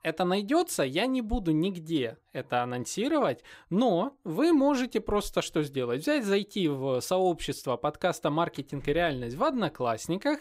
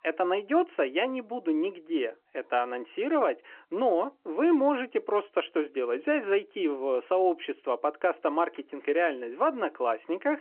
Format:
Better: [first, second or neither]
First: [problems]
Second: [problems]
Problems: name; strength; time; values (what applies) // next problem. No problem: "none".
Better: first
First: none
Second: phone-call audio